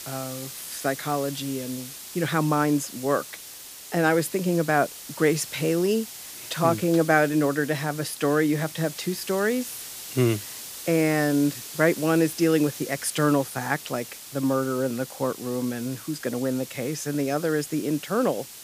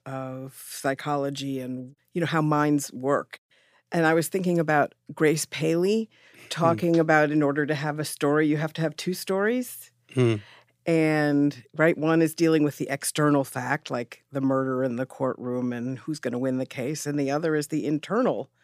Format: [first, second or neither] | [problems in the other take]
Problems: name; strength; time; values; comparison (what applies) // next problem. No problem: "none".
second | hiss; noticeable; throughout; 10 dB below the speech